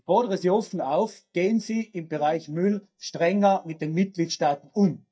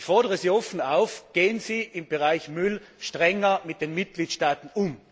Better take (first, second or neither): second